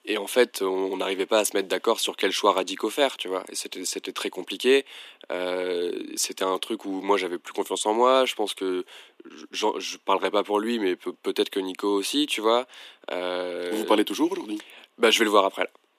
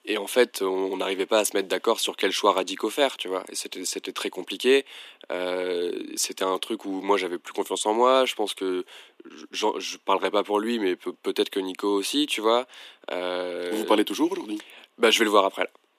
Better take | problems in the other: neither | thin; somewhat; fading below 250 Hz; the same in both

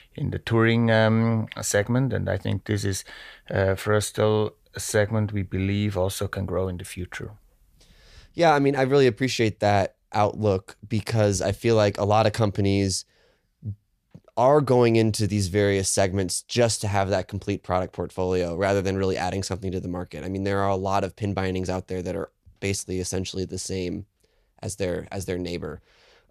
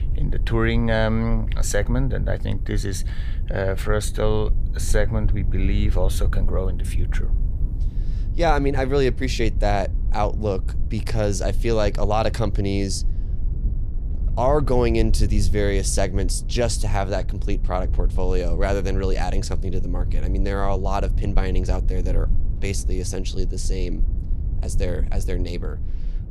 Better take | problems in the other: first | low rumble; noticeable; throughout; 20 dB below the speech

